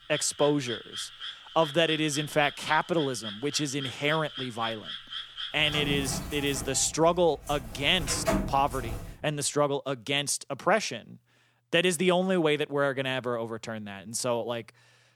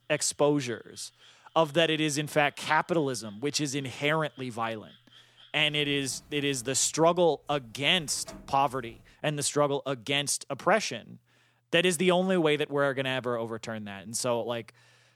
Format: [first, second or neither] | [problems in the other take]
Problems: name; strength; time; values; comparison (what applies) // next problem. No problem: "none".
second | animal sounds; loud; until 9 s; 9 dB below the speech; faint in the second